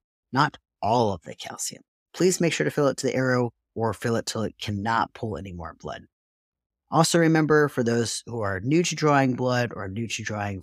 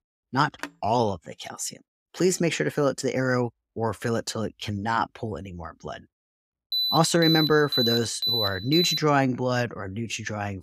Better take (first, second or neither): first